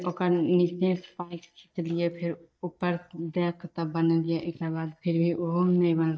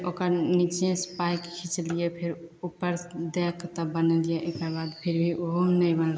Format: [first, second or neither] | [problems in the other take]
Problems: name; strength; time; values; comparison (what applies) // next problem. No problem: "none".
second | noise reduction (neural mask model DeepFilterNet 3)